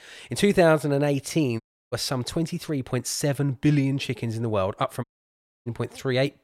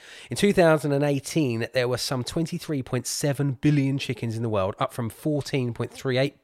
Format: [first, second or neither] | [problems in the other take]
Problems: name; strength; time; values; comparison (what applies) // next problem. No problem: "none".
second | audio cutting out; at 1.5 s and at 5 s for 0.5 s